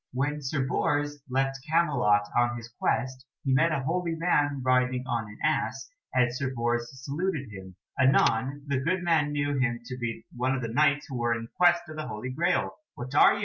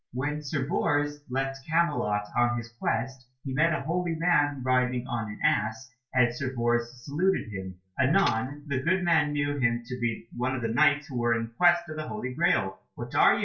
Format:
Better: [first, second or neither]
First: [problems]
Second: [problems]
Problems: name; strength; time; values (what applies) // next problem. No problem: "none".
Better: first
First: none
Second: room echo; dies away in 0.2 s